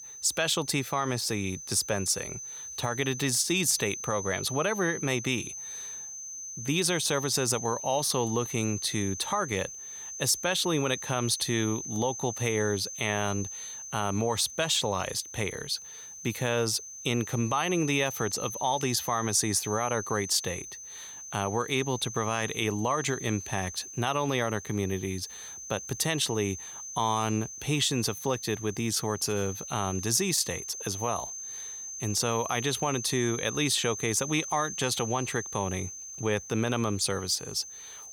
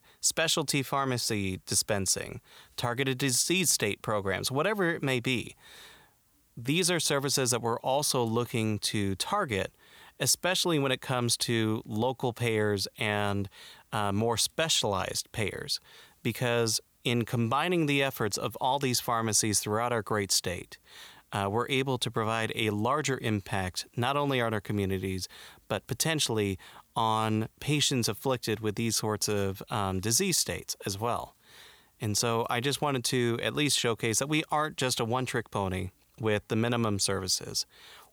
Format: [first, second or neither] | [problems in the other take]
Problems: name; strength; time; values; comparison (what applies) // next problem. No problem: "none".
second | high-pitched whine; loud; throughout; 6 kHz, 9 dB below the speech